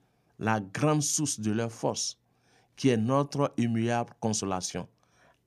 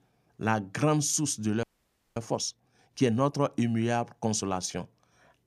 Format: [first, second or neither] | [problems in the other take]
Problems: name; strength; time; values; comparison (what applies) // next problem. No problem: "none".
first | audio freezing; at 1.5 s for 0.5 s